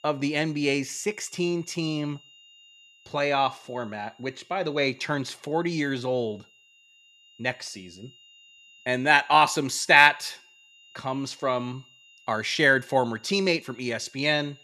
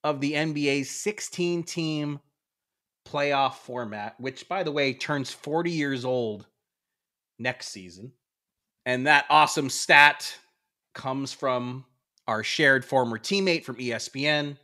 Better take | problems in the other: second | high-pitched whine; faint; throughout; 3 kHz, 30 dB below the speech

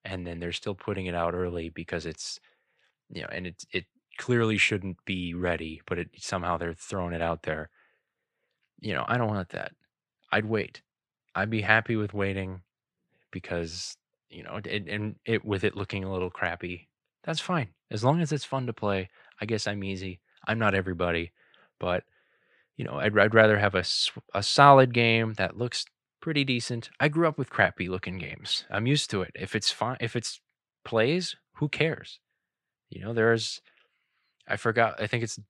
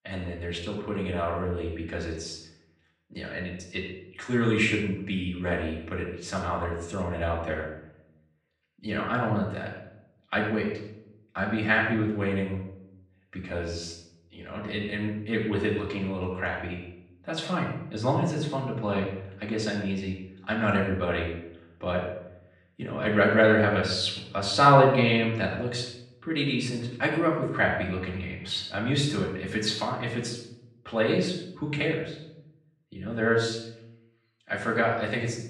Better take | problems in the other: first | off-mic speech; far // room echo; noticeable; dies away in 0.7 s

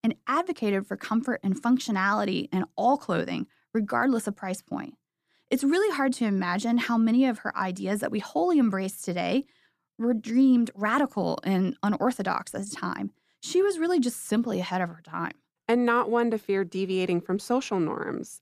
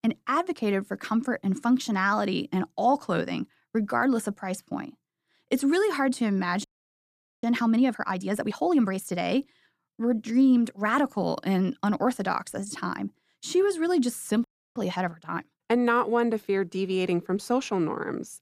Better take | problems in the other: first | audio freezing; at 6.5 s for 1 s and at 14 s

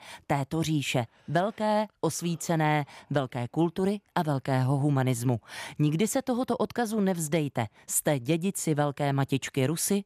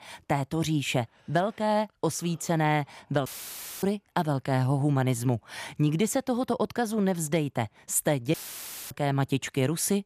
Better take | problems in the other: first | audio cutting out; filled with static; at 3.5 s for 0.5 s and at 8.5 s for 0.5 s

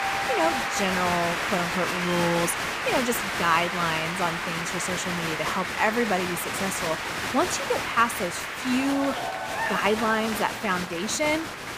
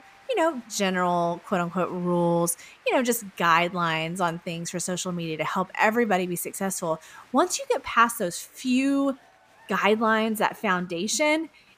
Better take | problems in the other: second | crowd noise; loud; throughout; 1 dB below the speech; faint in the second

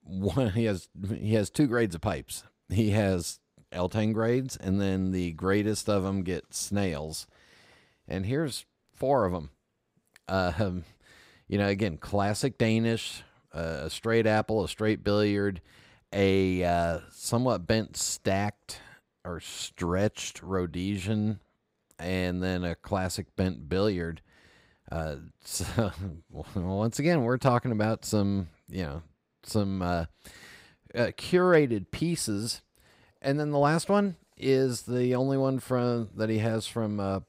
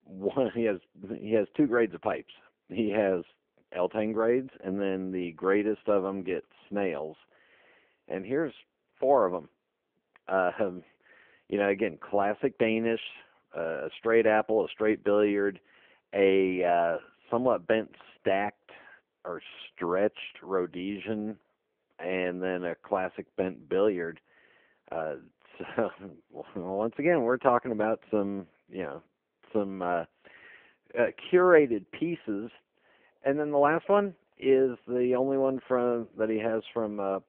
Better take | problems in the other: first | phone-call audio; poor line

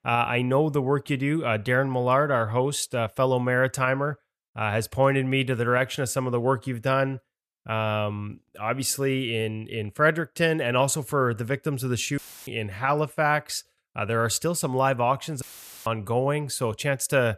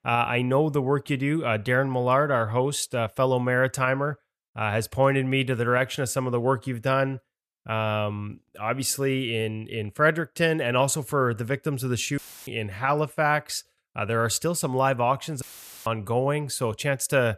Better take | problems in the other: neither | audio cutting out; filled with static; at 12 s and at 15 s; the same in both

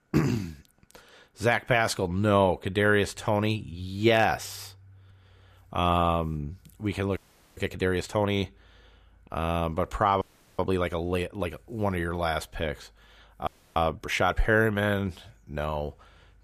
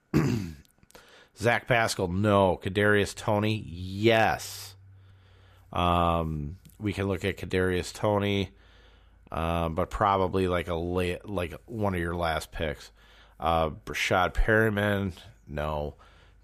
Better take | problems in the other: second | audio freezing; at 7 s, at 10 s and at 13 s

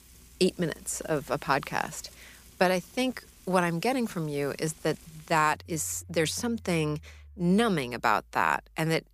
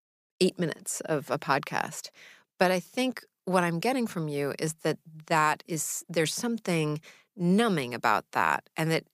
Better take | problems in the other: second | household noises; faint; throughout; 25 dB below the speech

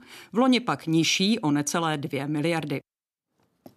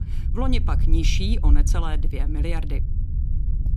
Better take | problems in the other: first | low rumble; noticeable; throughout; 10 dB below the speech

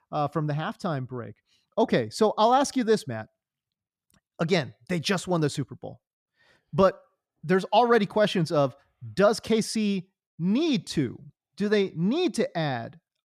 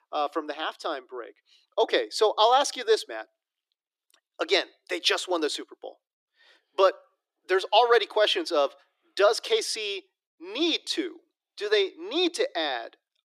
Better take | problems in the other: first | thin; very; fading below 300 Hz

